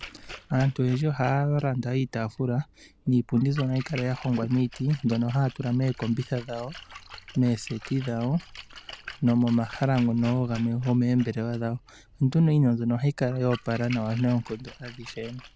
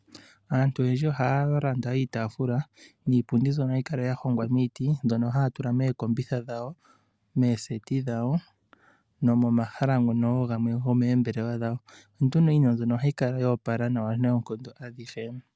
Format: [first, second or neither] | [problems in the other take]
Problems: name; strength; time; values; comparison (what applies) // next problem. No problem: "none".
second | background sound (Splash, splatter); 19 dB below the speech